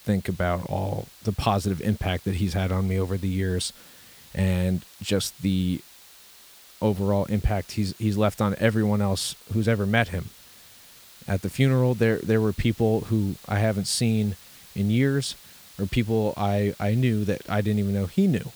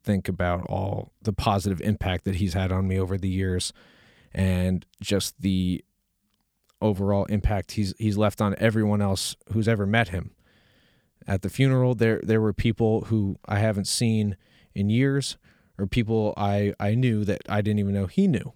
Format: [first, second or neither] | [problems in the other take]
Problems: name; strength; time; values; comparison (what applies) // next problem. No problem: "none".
second | hiss; faint; throughout; 20 dB below the speech